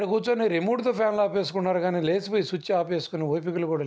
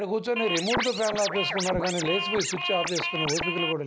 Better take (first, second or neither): first